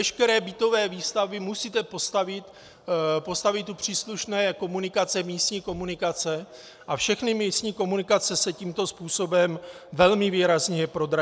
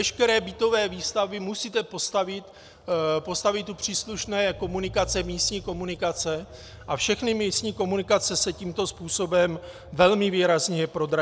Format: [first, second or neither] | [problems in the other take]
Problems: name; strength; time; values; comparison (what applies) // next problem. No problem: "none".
first | background sound (Engine / Car); 20 dB below the speech